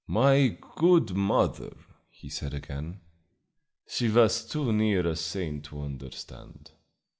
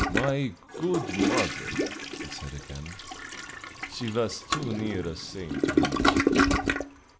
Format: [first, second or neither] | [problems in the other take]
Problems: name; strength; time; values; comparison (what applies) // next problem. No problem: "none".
first | background sound (Toilet flush); 5 dB above the speech